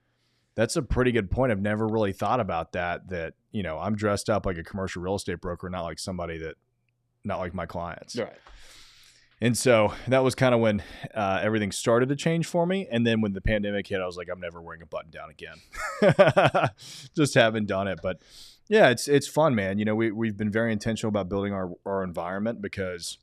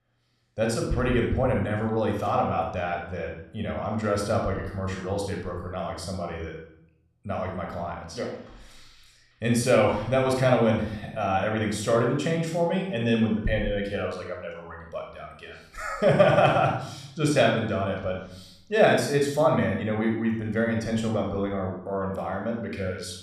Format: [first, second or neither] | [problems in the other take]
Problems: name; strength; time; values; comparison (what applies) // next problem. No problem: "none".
first | off-mic speech; somewhat distant // room echo; noticeable; dies away in 0.6 s